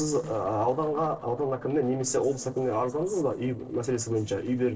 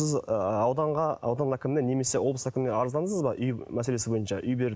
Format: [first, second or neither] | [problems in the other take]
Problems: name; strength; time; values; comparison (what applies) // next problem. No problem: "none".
second | noise reduction (neural separator model SepFormer DNS4)